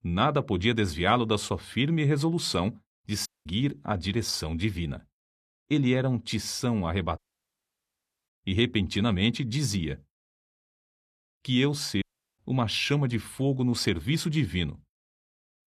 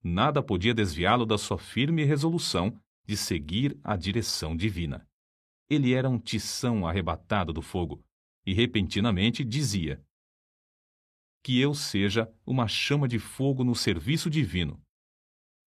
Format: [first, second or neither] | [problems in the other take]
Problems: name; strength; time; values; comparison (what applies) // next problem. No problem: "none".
second | audio cutting out; at 3.5 s, at 7 s for 1 s and at 12 s